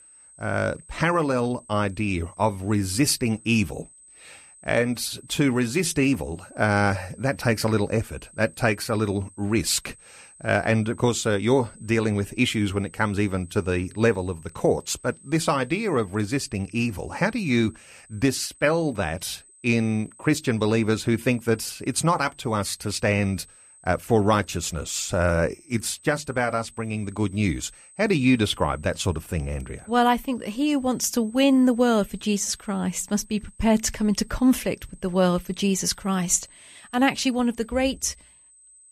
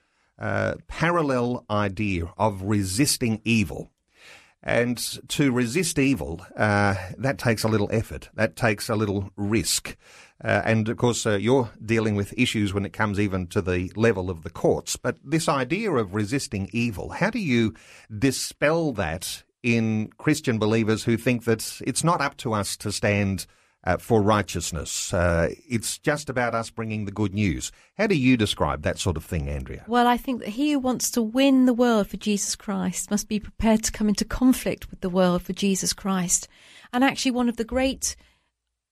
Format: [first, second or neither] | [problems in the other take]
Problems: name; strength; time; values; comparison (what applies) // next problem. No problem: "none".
second | high-pitched whine; faint; throughout; 8 kHz, 25 dB below the speech